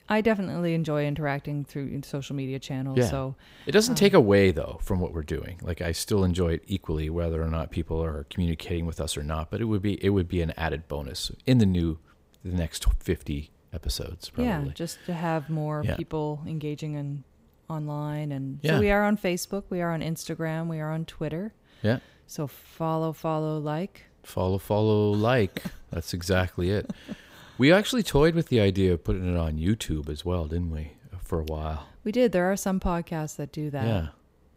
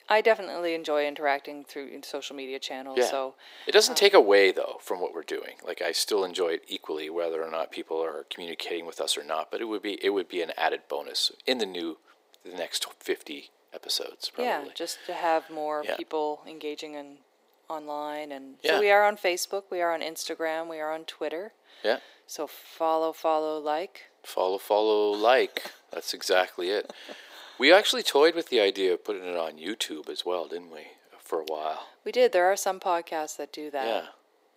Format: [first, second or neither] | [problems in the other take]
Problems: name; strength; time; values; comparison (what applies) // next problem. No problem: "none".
first | thin; very; fading below 350 Hz